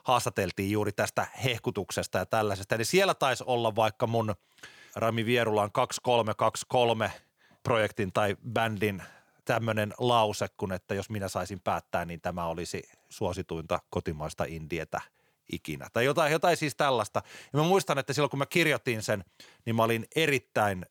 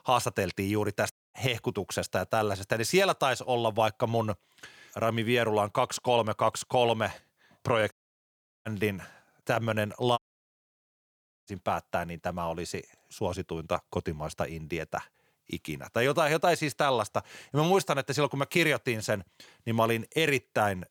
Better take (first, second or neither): first